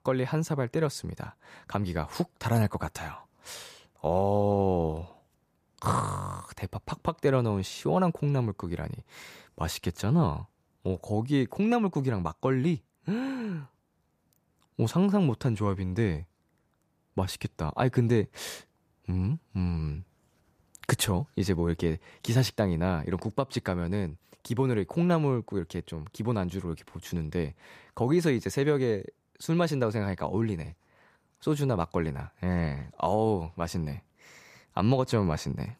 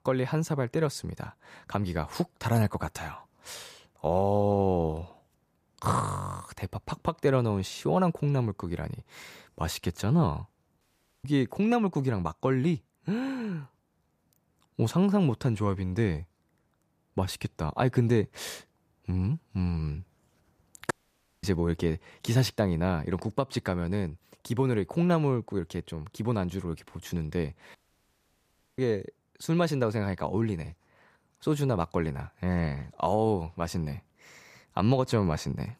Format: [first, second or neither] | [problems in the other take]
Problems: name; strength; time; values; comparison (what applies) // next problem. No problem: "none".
first | audio cutting out; at 11 s, at 21 s for 0.5 s and at 28 s for 1 s